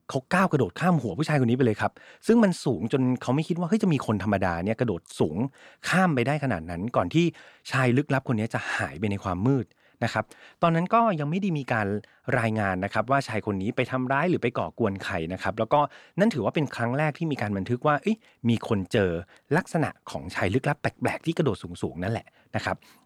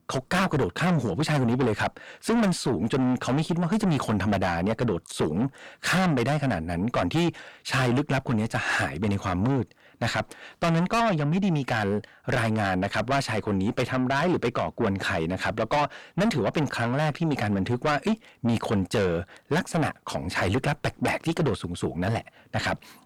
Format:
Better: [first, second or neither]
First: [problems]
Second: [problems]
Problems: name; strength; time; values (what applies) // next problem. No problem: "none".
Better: first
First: none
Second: distortion; heavy; 6 dB below the speech